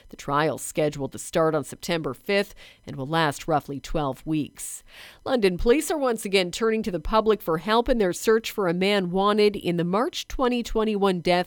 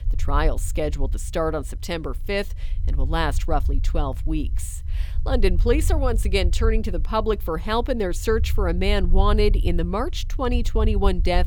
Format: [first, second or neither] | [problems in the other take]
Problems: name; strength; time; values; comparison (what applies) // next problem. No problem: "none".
first | low rumble; faint; throughout; 20 dB below the speech